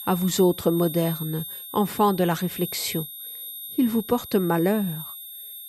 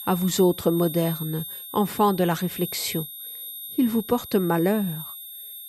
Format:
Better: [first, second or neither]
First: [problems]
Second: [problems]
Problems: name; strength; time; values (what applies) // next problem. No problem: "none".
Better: neither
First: high-pitched whine; loud; throughout; 11.5 kHz, 10 dB below the speech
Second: high-pitched whine; loud; throughout; 11.5 kHz, 10 dB below the speech